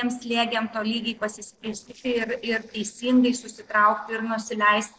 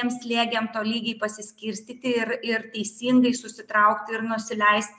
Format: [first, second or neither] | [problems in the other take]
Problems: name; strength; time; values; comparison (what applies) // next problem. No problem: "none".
second | noise reduction (neural separator model SepFormer DNS4)